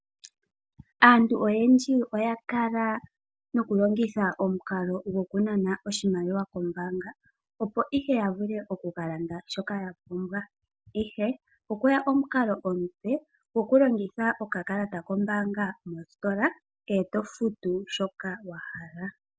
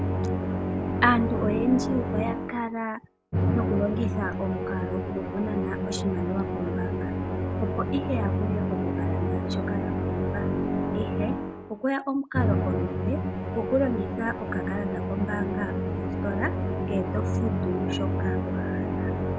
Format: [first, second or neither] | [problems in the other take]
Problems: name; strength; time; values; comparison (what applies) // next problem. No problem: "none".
first | background sound (Musical instrument); 3 dB above the speech